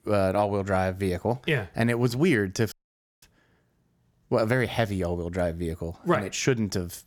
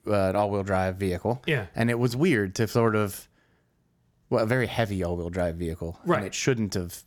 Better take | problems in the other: second | audio cutting out; at 2.5 s for 0.5 s

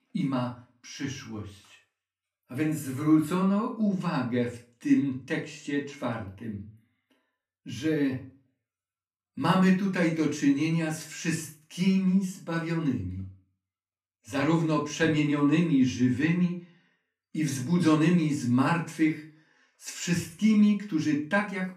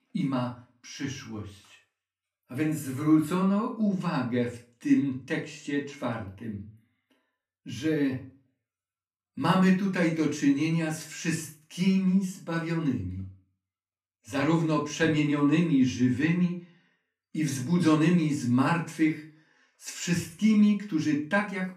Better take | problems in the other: neither | off-mic speech; far; the same in both // room echo; slight; dies away in 0.3 s; the same in both

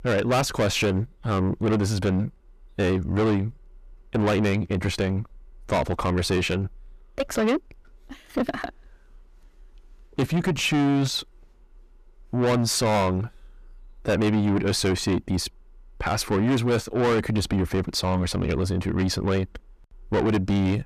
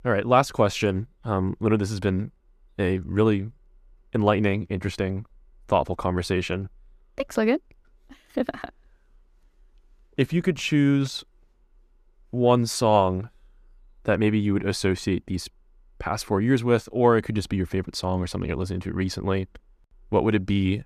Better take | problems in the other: second | distortion; heavy; 6 dB below the speech

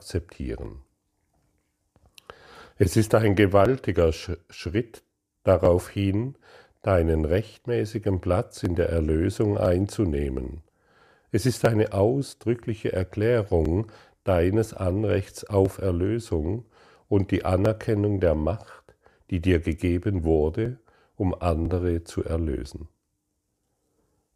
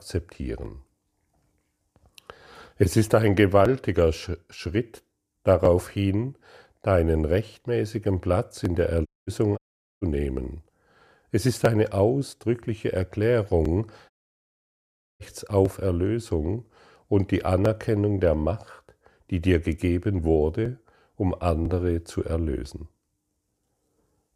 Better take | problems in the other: first | audio cutting out; at 9 s, at 9.5 s and at 14 s for 1 s

